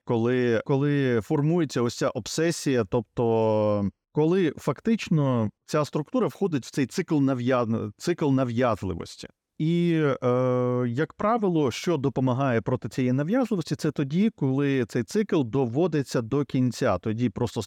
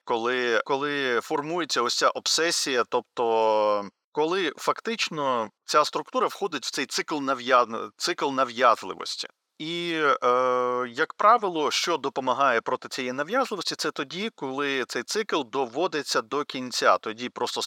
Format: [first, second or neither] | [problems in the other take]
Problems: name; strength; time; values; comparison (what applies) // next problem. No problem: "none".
first | thin; very; fading below 550 Hz